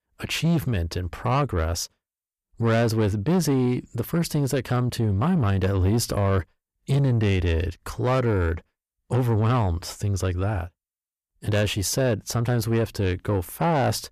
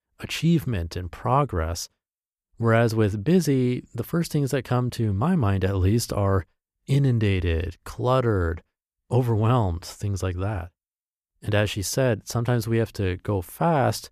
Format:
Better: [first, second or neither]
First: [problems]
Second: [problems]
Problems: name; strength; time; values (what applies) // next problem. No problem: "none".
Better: second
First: distortion; slight; 10 dB below the speech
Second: none